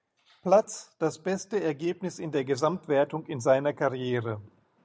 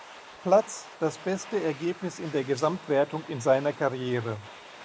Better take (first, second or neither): first